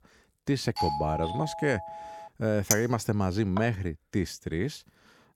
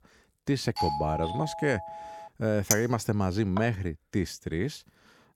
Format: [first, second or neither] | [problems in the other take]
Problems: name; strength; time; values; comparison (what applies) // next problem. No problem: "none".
neither | doorbell; noticeable; from 1 to 2.5 s; peak 1 dB below the speech; the same in both // clattering dishes; loud; at 2.5 s; peak 1 dB above the speech; the same in both